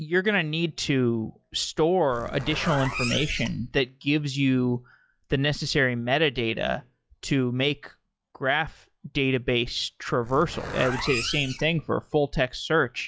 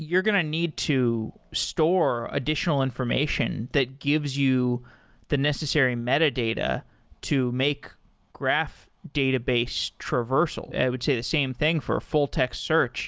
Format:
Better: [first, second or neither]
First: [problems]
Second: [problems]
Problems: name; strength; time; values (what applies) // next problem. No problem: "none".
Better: second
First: noise reduction (classical method log-MMSE)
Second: none